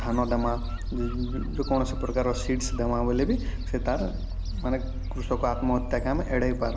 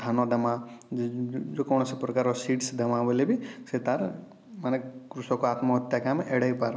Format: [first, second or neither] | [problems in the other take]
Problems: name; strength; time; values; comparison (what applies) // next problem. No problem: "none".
second | background sound (Gull, seagull); 2 dB below the speech